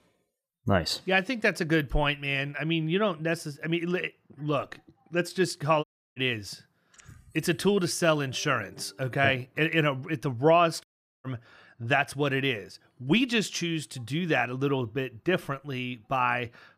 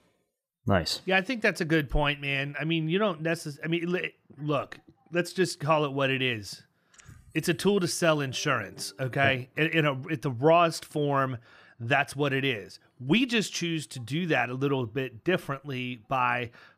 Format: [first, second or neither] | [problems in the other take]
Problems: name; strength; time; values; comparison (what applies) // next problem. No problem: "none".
second | audio cutting out; at 6 s and at 11 s